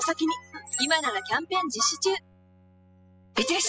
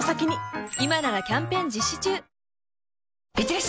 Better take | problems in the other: second | noise reduction (classical method spectral subtraction)

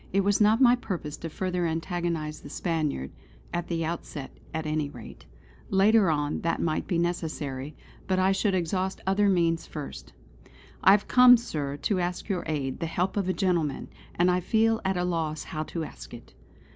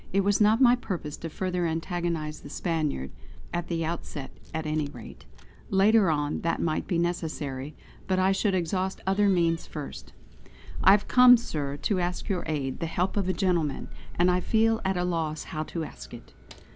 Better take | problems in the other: first | background sound (Keys jangling); 8 dB below the speech

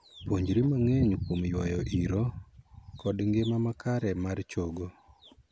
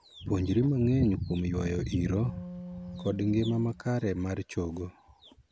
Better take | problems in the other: first | background sound (Wind instrument, woodwind instrument); 14 dB below the speech

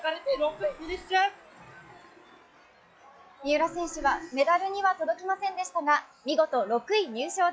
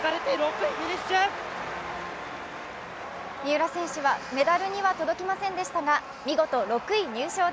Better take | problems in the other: second | noise reduction (classical method log-MMSE)

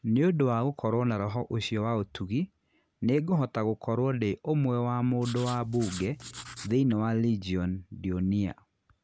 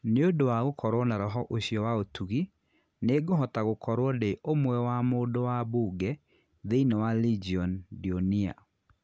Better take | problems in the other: second | background sound (Writing); 15 dB below the speech

